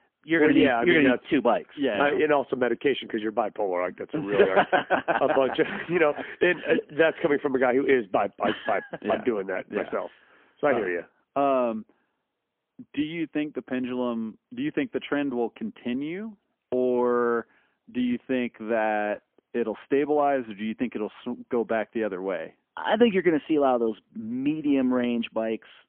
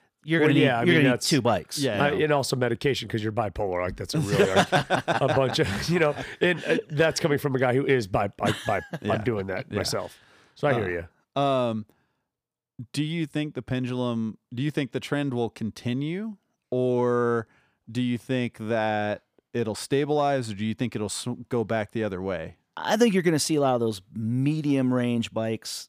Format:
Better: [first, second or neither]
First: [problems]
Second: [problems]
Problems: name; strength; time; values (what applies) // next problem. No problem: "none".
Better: second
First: phone-call audio; poor line; nothing above 3.5 kHz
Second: none